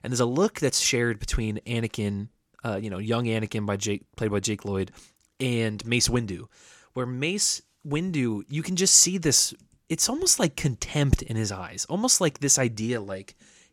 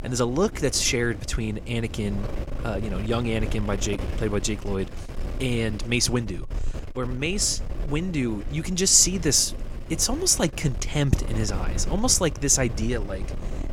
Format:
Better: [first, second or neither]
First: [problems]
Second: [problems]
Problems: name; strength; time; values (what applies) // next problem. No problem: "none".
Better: first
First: none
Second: wind noise on the microphone; occasional gusts; 15 dB below the speech